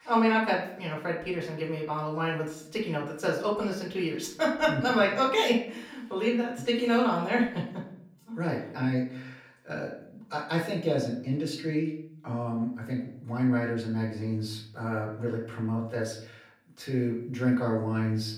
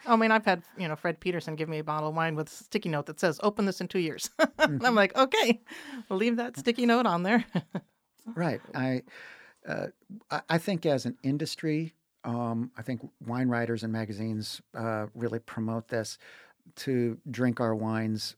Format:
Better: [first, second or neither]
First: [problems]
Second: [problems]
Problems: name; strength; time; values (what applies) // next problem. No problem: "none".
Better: second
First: room echo; slight; dies away in 0.5 s // off-mic speech; far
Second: none